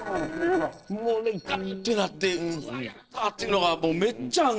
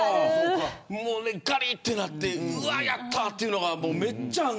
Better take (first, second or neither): second